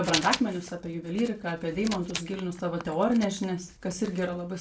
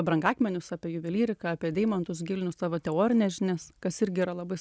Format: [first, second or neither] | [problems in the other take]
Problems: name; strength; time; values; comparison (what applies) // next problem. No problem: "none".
second | background sound (Writing); 10 dB below the speech // room echo; dies away in 0.2 s